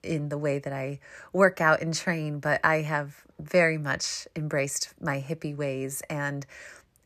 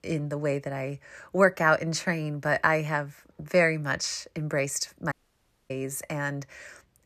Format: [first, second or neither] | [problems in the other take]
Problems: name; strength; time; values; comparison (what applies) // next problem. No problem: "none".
first | audio cutting out; at 5 s for 0.5 s